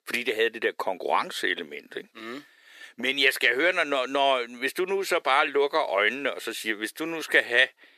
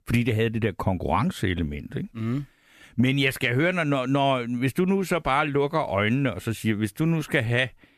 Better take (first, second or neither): second